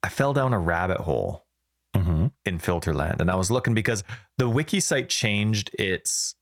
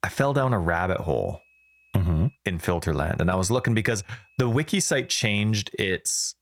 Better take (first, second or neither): first